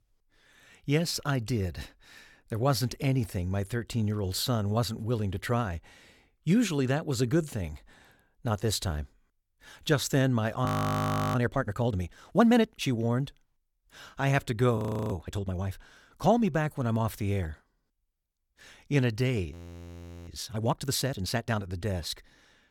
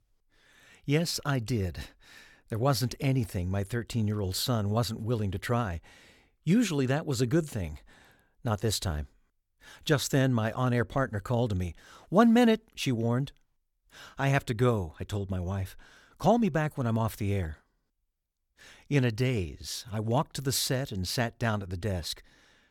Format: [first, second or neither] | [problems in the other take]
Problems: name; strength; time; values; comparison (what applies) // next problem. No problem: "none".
second | audio freezing; at 11 s for 0.5 s, at 15 s and at 20 s for 1 s